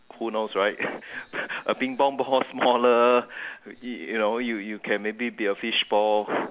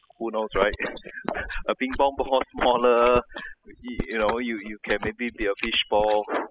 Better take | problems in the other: first | noise reduction (classical method spectral subtraction)

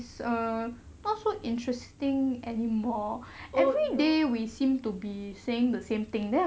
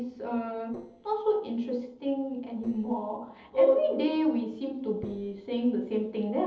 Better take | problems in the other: first | noise reduction (neural separator model SepFormer DNS4)

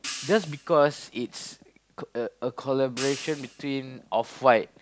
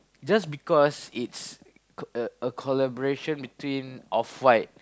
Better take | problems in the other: second | background sound (Hi-hat); 15 dB below the speech

